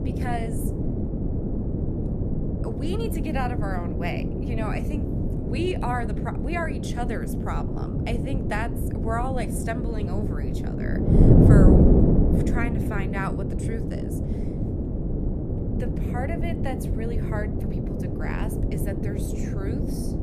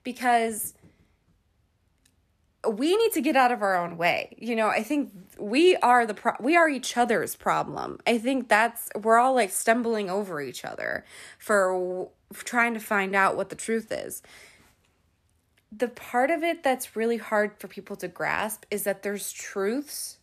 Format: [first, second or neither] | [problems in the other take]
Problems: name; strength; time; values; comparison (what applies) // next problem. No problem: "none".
second | wind noise on the microphone; heavy; 1 dB above the speech